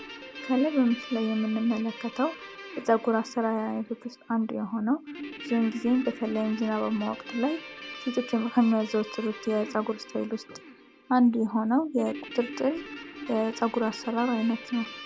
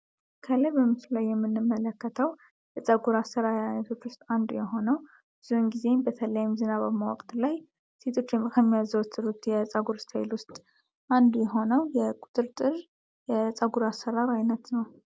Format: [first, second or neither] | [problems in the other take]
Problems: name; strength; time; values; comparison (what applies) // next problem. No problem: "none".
second | background sound (Guitar); 14 dB below the speech